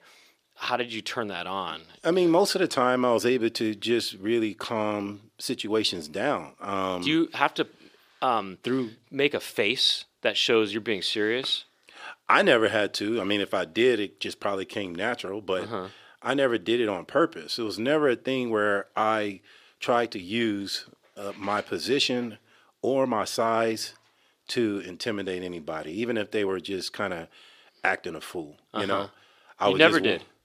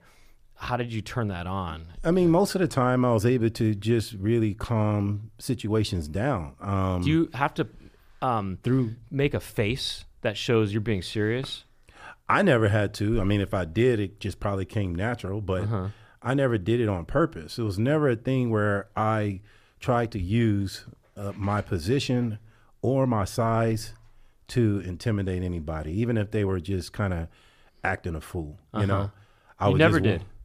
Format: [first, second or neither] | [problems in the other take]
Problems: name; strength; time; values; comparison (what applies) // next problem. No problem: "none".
second | thin; somewhat; fading below 350 Hz